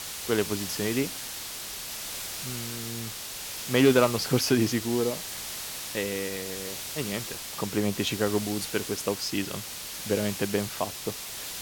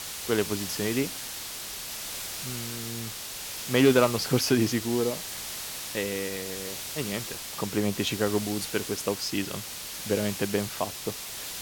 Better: neither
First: hiss; loud; throughout; 6 dB below the speech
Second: hiss; loud; throughout; 6 dB below the speech

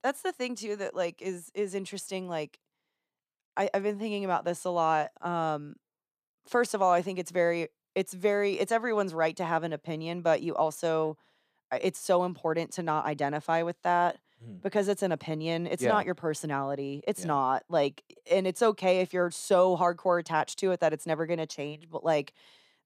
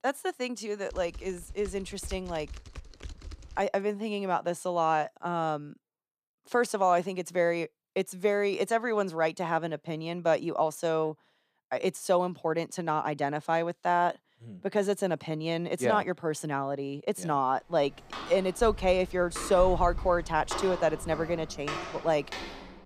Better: first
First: none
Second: keyboard typing; faint; from 1 to 3.5 s; peak 15 dB below the speech // footsteps; noticeable; from 18 s on; peak 6 dB below the speech

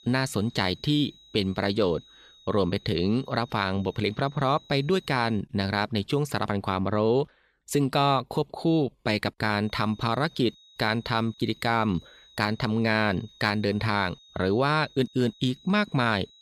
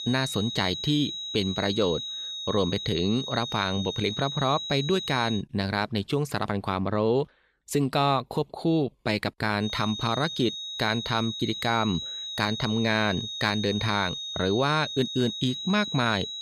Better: first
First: high-pitched whine; faint; until 5.5 s and from 9.5 s on; 3.5 kHz, 25 dB below the speech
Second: high-pitched whine; loud; until 5.5 s and from 9.5 s on; 3.5 kHz, 5 dB below the speech

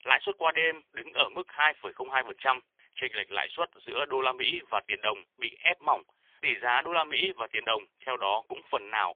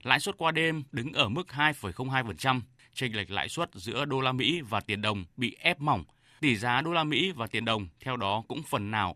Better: second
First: phone-call audio; poor line; nothing above 3.5 kHz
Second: none

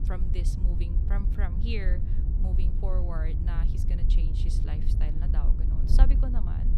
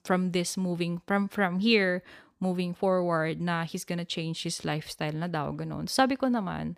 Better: second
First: wind noise on the microphone; heavy; 3 dB below the speech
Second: none

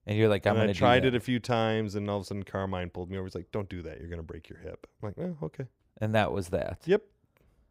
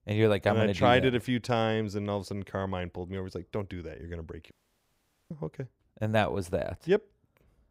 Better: first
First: none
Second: audio cutting out; at 4.5 s for 1 s

